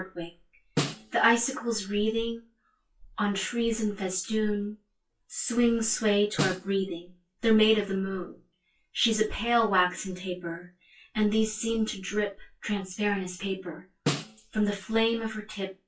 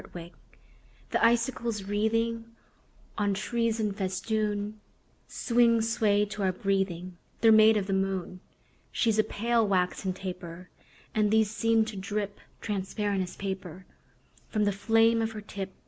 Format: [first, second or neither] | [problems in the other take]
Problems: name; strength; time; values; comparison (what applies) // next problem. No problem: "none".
second | noise reduction (classical method WPE with log-MMSE)